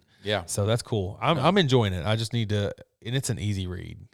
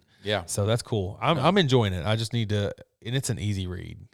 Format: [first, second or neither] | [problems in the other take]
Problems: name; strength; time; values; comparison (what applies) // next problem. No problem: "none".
neither | none